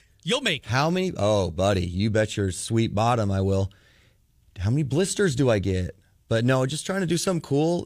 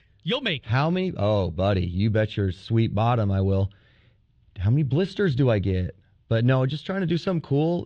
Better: first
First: none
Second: muffled; slightly; fading above 3.5 kHz

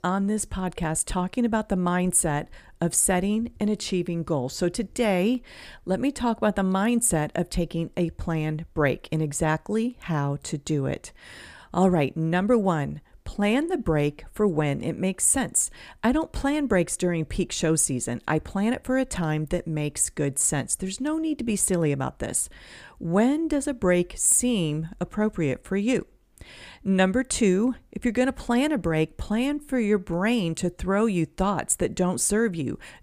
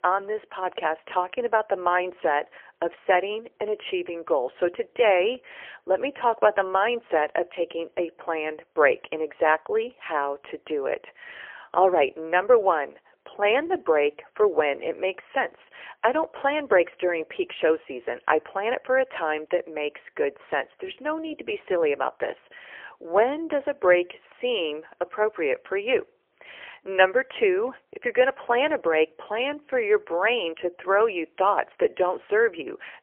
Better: first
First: none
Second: phone-call audio; poor line; nothing above 3 kHz

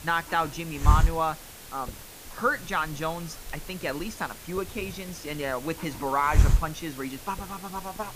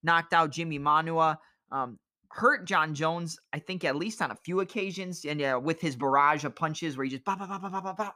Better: second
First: hiss; loud; throughout; 2 dB below the speech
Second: none

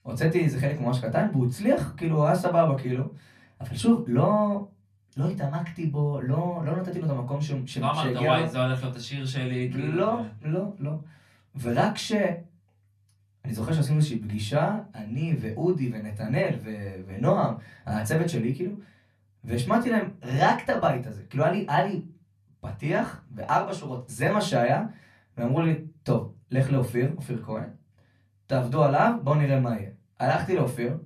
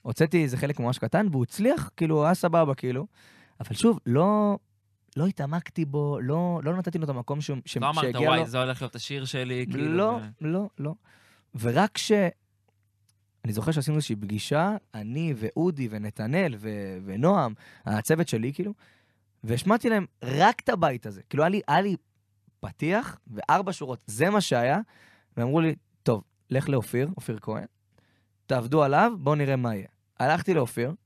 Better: second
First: off-mic speech; far // room echo; very slight; dies away in 0.3 s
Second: none

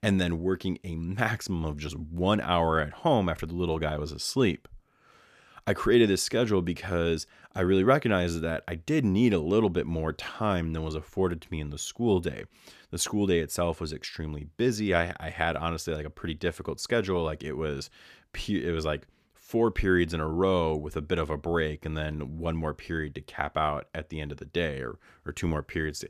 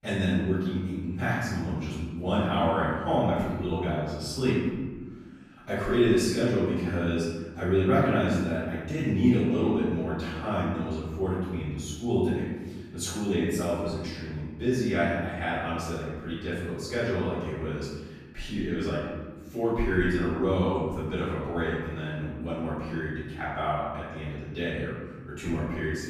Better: first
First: none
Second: off-mic speech; far // room echo; strong; dies away in 1.3 s

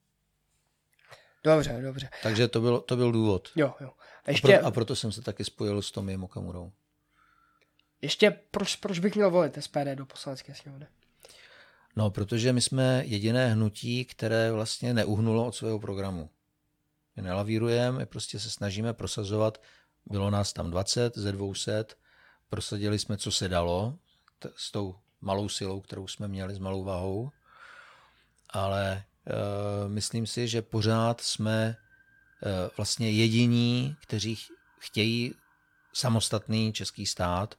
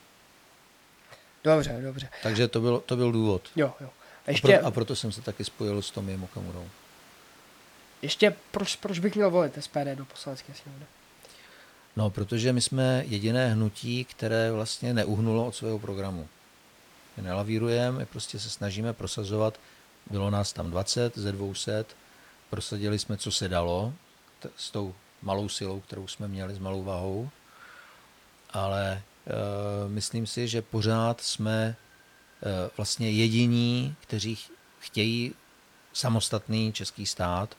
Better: first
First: none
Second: hiss; faint; throughout; 25 dB below the speech

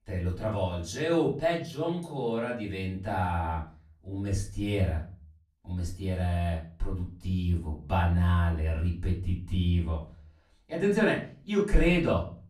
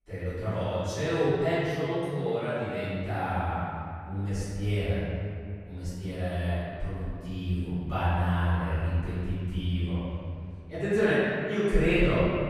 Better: first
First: room echo; slight; dies away in 0.4 s // off-mic speech; far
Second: room echo; strong; dies away in 2.4 s // off-mic speech; far

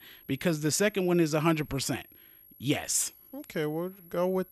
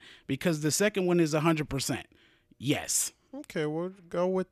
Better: second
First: high-pitched whine; faint; throughout; 11.5 kHz, 25 dB below the speech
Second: none

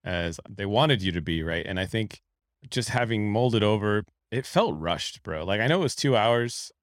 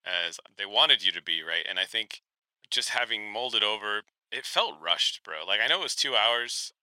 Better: first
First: none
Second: thin; very; fading below 900 Hz

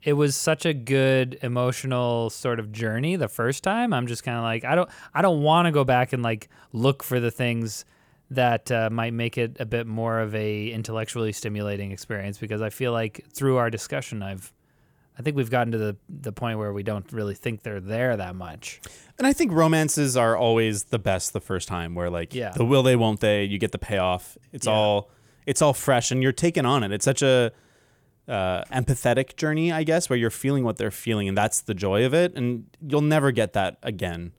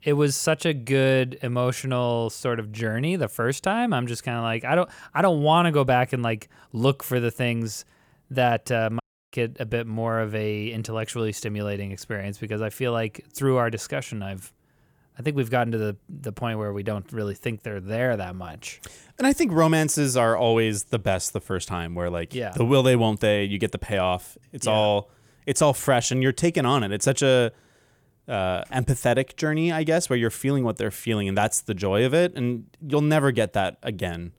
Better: first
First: none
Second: audio cutting out; at 9 s

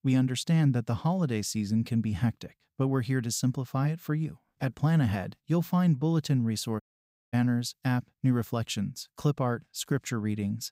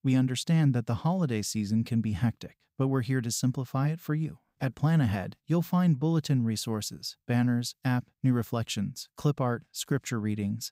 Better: second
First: audio cutting out; at 7 s for 0.5 s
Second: none

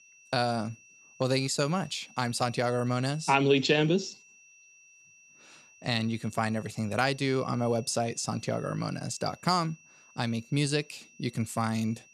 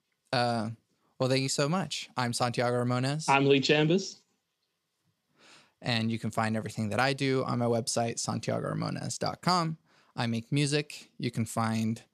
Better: second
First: high-pitched whine; faint; throughout; 2.5 kHz, 25 dB below the speech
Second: none

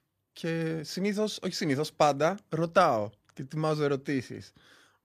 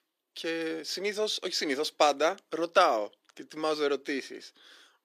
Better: first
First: none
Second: thin; somewhat; fading below 350 Hz

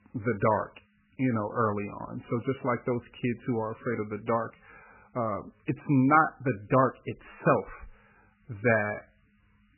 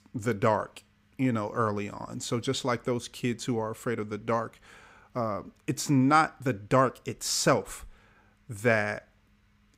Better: second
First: garbled, watery; badly; nothing above 2.5 kHz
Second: none

